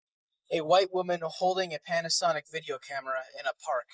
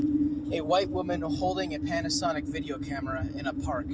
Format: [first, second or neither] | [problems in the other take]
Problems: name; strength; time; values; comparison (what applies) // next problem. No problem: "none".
second | noise reduction (neural mask model Resemble Enhance denoiser)